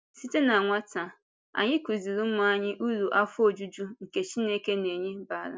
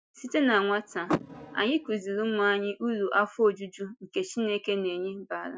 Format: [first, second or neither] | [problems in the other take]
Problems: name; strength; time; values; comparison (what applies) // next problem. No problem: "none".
first | noise reduction (classical method Wiener filter)